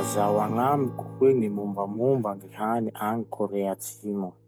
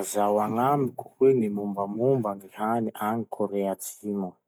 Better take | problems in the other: second | background sound (Acoustic guitar / Strum); 13 dB below the speech

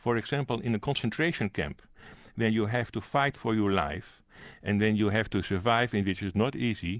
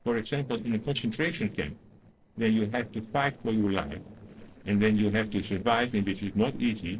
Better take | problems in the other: first | noise reduction (neural separator model SepFormer DNS4)

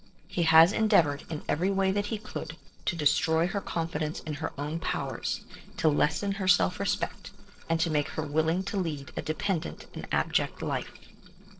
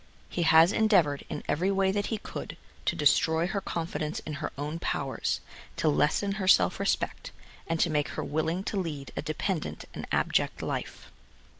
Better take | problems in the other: second | noise reduction (neural separator model SepFormer DNS4)

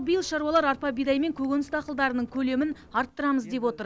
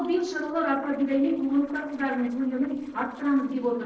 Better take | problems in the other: first | noise reduction (neural separator model SepFormer DNS4)

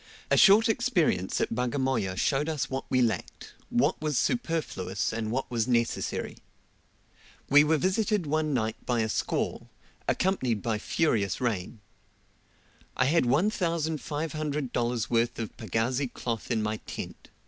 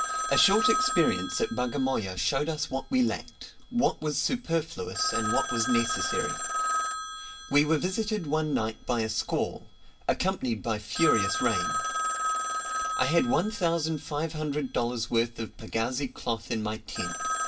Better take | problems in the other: first | background sound (Telephone); 5 dB below the speech // room echo; dies away in 0.2 s

